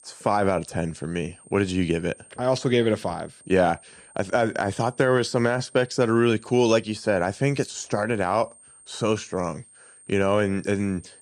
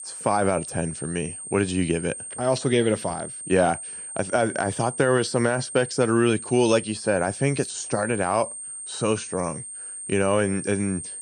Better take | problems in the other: first | high-pitched whine; loud; throughout; 8.5 kHz, 9 dB below the speech; faint in the first

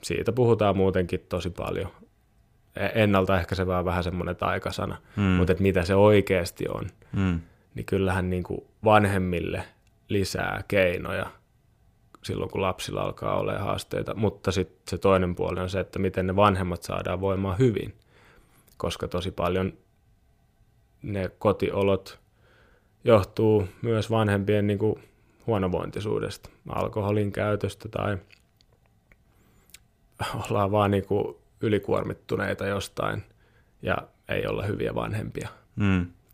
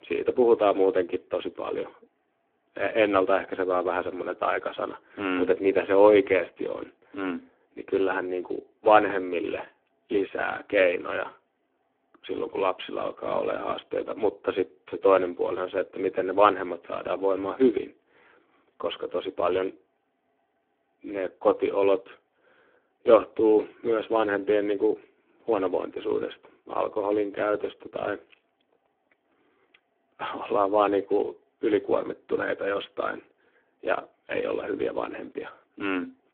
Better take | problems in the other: first | phone-call audio; poor line

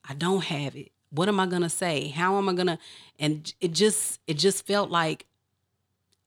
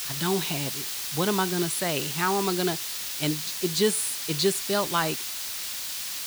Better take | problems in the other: first | hiss; loud; throughout; 2 dB below the speech

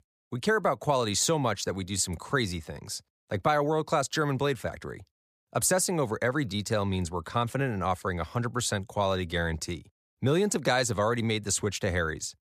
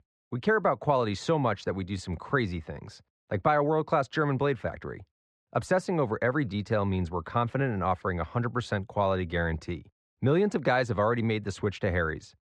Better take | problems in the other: first | muffled; very; fading above 2.5 kHz

